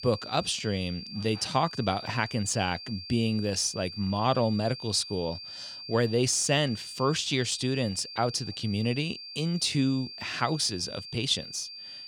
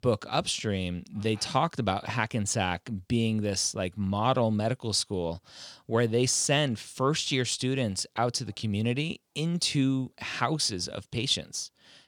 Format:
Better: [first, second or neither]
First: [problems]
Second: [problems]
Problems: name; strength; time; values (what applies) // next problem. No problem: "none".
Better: second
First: high-pitched whine; noticeable; throughout; 4.5 kHz, 10 dB below the speech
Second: none